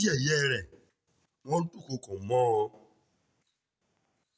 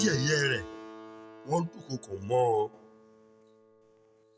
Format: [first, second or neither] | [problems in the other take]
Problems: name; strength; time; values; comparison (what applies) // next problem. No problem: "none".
first | background sound (Keyboard (musical)); 14 dB below the speech